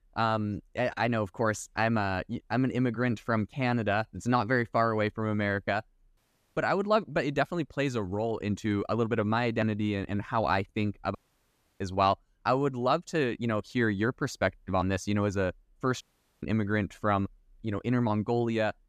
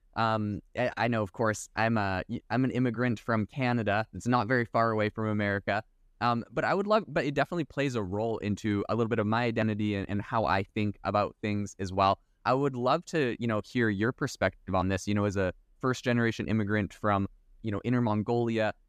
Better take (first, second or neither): second